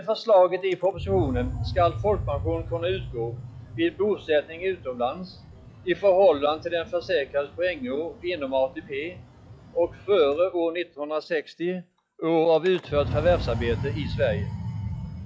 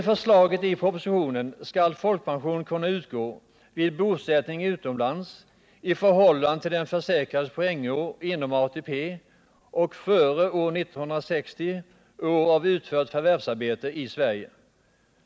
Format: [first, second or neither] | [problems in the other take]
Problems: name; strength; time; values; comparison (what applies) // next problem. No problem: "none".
second | noise reduction (classical method log-MMSE)